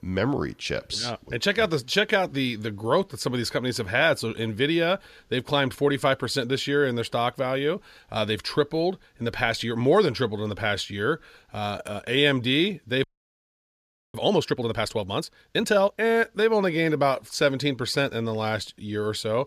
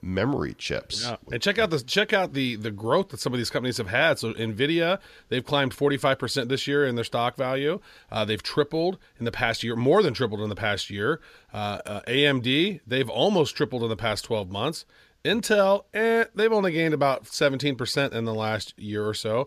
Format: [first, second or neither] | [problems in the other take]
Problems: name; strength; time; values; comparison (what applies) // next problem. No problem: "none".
second | audio freezing; at 13 s for 1 s